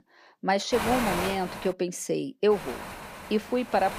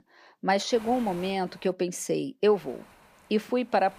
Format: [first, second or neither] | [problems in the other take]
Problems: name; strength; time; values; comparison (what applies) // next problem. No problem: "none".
second | wind noise on the microphone; heavy; from 0.5 to 1.5 s and from 2.5 s on; 5 dB below the speech; occasional gusts in the second